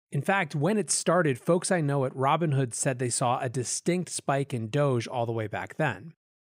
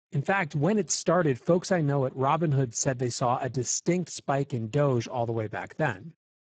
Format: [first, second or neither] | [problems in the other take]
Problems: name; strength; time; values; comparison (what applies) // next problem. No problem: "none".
first | garbled, watery; badly; nothing above 7.5 kHz